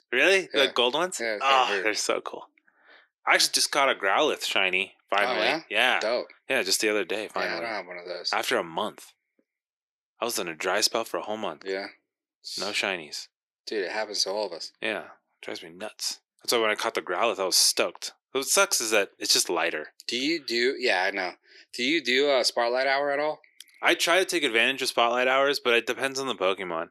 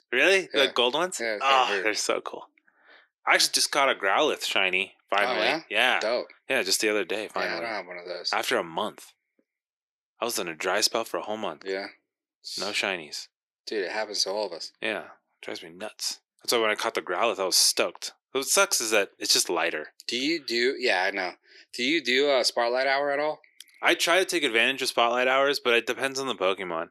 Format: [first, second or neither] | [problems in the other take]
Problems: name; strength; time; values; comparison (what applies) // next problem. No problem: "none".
neither | thin; very; fading below 350 Hz; the same in both